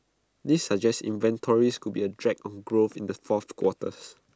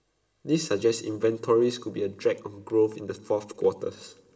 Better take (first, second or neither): first